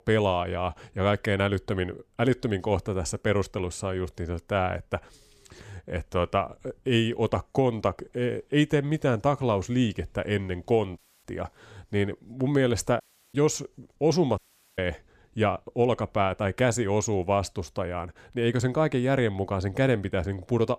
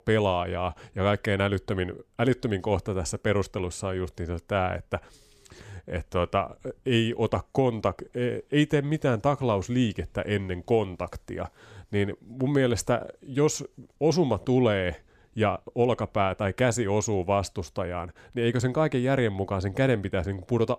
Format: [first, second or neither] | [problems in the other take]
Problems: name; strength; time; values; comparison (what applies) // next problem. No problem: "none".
second | audio cutting out; at 11 s, at 13 s and at 14 s